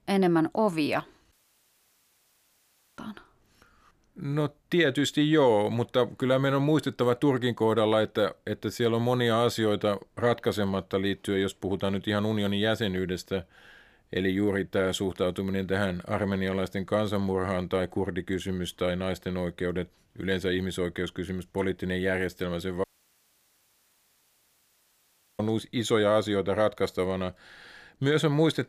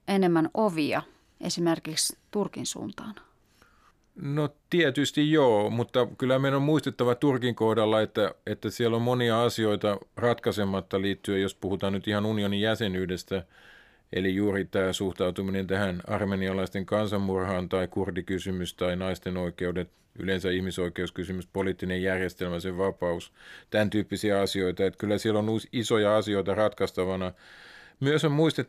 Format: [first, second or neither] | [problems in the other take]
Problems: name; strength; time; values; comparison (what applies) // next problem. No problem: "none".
second | audio cutting out; at 1.5 s for 1.5 s and at 23 s for 2.5 s